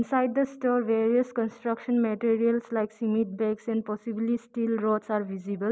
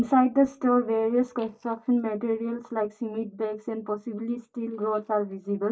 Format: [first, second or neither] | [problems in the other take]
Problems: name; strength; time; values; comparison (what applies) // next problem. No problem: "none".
first | noise reduction (neural mask model DeepFilterNet 3)